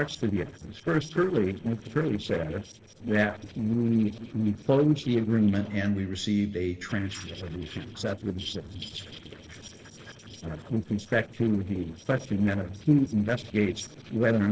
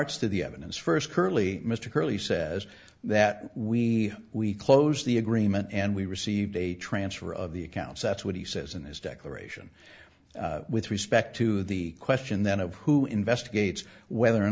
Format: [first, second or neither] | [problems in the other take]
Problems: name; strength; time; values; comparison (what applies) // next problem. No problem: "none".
second | noise reduction (neural separator model SepFormer DNS4)